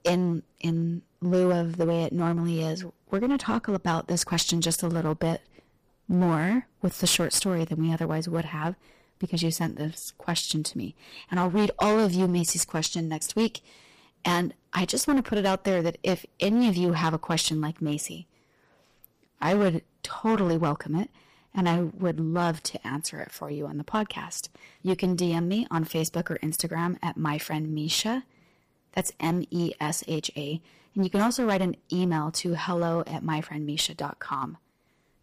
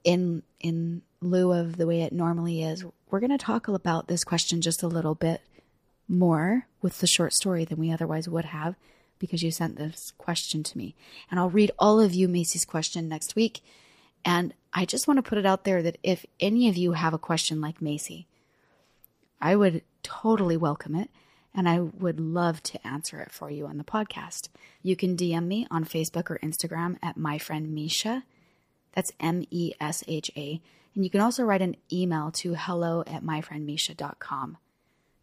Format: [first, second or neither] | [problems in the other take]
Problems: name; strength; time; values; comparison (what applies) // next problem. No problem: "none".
second | distortion; slight; 7% of the sound clipped